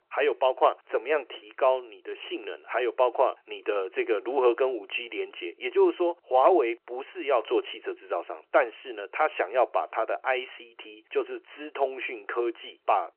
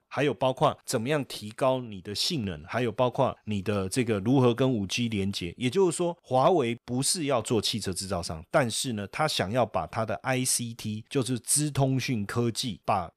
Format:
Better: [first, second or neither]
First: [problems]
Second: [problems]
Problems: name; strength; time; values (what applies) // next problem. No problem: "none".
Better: second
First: phone-call audio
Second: none